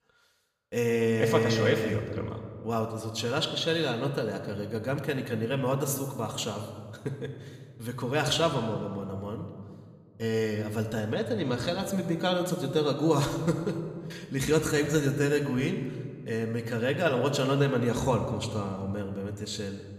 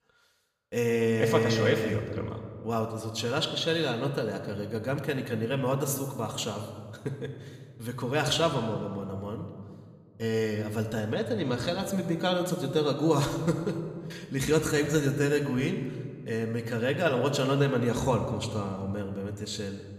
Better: neither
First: room echo; slight; dies away in 1.4 s // off-mic speech; somewhat distant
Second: room echo; slight; dies away in 1.4 s // off-mic speech; somewhat distant

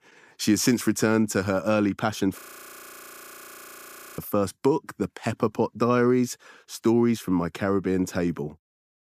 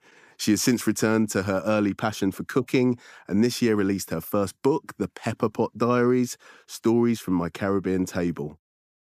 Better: second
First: audio freezing; at 2.5 s for 2 s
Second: none

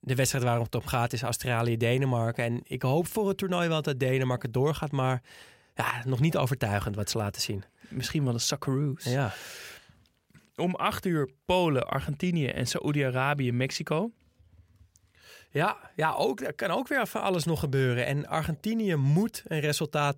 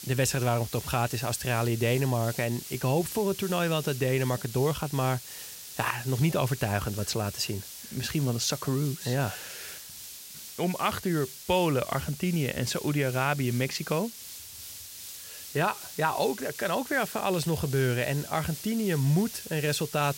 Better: first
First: none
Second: hiss; noticeable; throughout; 10 dB below the speech

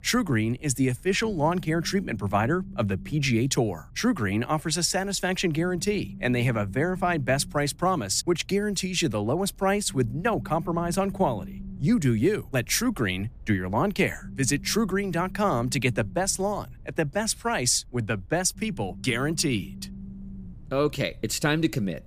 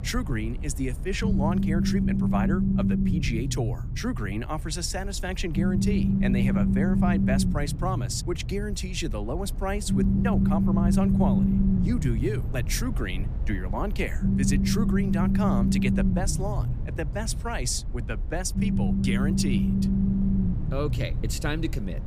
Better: first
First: low rumble; faint; throughout; 25 dB below the speech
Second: low rumble; loud; throughout; 1 dB below the speech

